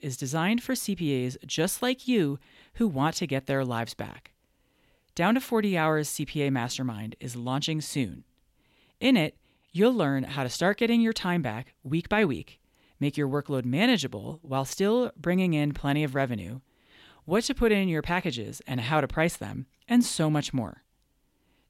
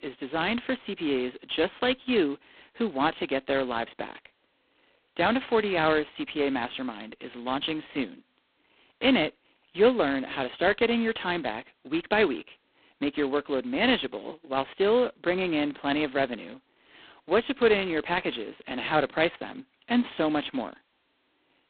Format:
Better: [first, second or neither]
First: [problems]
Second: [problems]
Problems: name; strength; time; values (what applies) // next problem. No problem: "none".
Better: first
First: none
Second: phone-call audio; poor line; nothing above 4 kHz